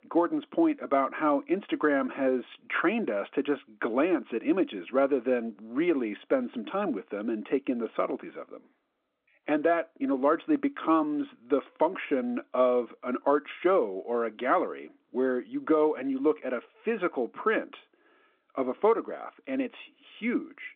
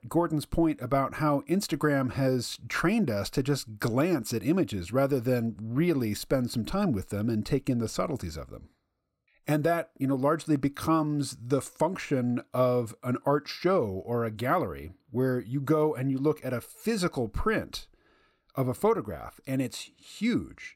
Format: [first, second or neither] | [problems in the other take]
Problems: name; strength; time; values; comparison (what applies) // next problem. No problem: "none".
second | phone-call audio; nothing above 3.5 kHz